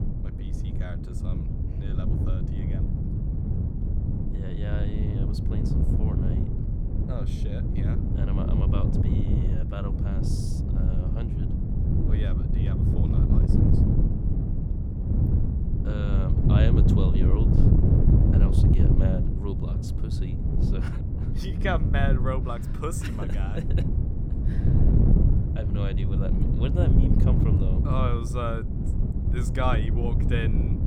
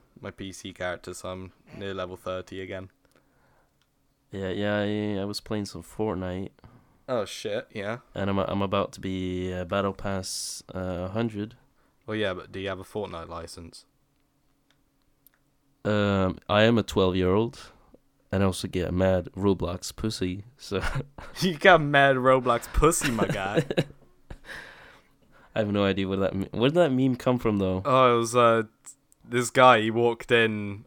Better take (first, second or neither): second